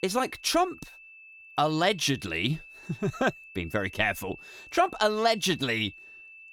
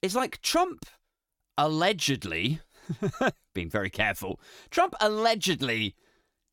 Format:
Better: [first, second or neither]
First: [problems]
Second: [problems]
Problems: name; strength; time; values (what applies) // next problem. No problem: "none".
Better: second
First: high-pitched whine; noticeable; throughout; 2.5 kHz, 20 dB below the speech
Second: none